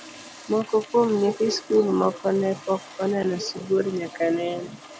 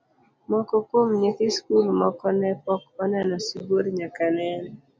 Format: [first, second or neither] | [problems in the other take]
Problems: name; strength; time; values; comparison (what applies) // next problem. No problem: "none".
second | background sound (Toilet flush); 20 dB below the speech